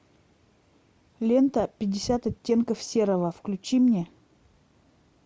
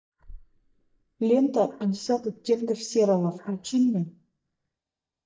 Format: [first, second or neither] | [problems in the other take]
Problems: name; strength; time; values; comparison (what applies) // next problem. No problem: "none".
first | noise reduction (neural mask model DeepFilterNet 3)